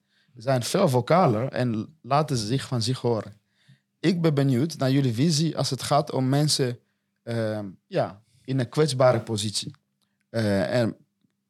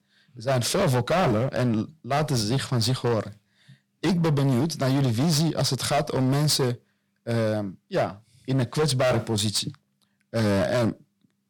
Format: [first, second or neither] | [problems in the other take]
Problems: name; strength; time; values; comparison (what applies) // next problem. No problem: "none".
first | distortion; heavy; 15% of the sound clipped